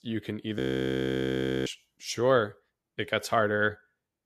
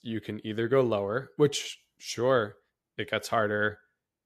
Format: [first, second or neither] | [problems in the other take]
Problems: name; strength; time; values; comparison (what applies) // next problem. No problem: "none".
second | audio freezing; at 0.5 s for 1 s